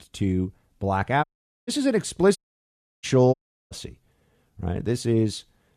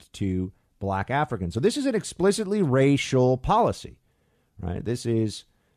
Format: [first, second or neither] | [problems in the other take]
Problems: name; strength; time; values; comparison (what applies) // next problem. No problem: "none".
second | audio cutting out; at 1 s, at 2.5 s for 0.5 s and at 3.5 s